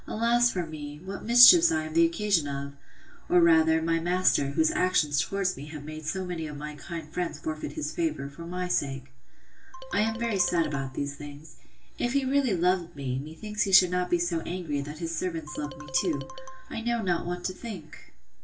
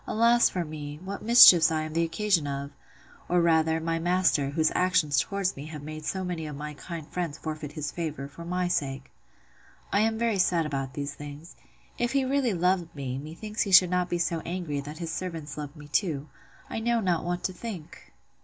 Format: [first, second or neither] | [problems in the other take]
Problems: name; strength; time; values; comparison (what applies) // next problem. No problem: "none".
second | background sound (Marimba, xylophone); 16 dB below the speech // room echo; dies away in 0.2 s